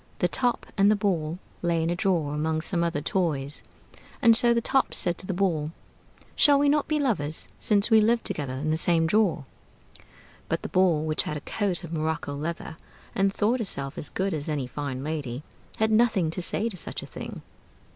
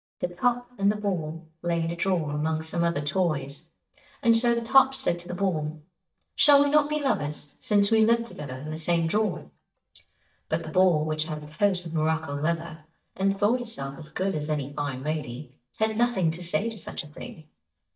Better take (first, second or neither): first